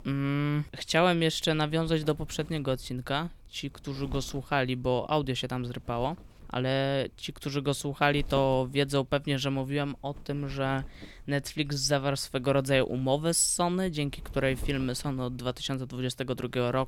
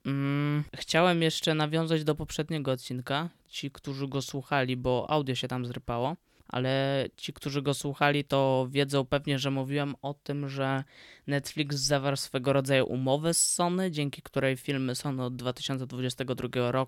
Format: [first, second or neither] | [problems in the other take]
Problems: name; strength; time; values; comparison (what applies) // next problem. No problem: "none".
second | wind noise on the microphone; occasional gusts; 25 dB below the speech